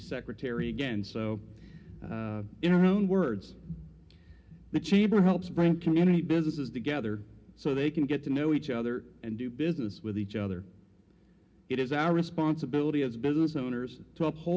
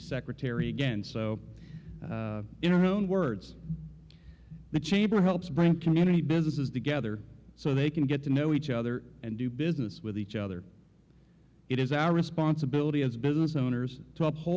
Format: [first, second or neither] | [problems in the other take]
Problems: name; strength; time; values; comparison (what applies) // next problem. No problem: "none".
second | room echo; dies away in 0.3 s